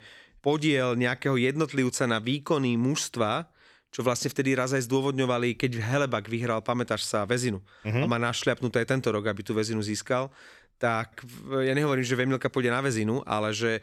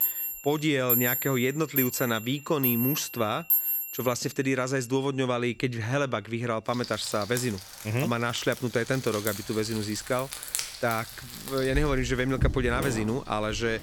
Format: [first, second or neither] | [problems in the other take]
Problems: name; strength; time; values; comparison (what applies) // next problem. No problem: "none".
first | household noises; loud; throughout; 3 dB below the speech